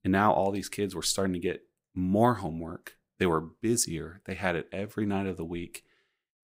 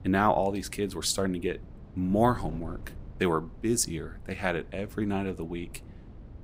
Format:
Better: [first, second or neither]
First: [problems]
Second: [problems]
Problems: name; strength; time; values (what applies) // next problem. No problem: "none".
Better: first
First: none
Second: wind noise on the microphone; occasional gusts; 25 dB below the speech